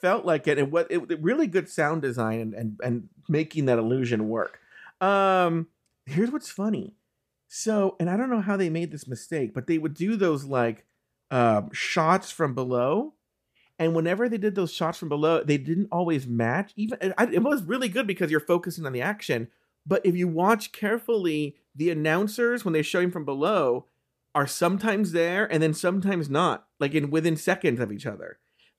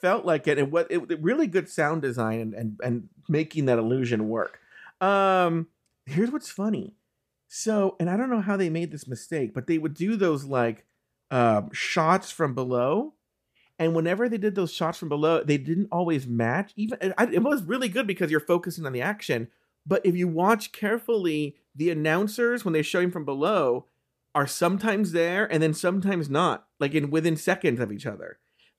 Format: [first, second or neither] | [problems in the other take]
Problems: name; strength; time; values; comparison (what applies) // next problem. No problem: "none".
neither | none